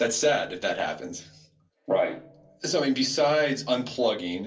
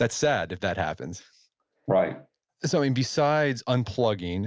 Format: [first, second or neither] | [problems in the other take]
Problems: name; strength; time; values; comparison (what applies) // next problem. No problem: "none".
second | room echo; dies away in 0.3 s